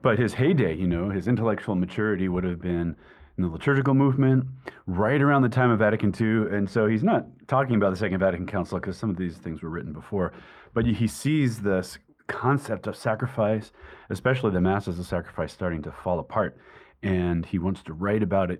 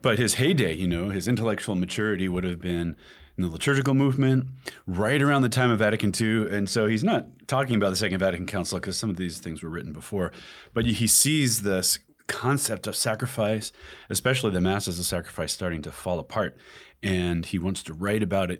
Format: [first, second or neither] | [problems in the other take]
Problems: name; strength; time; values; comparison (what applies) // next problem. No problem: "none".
second | muffled; very; fading above 3 kHz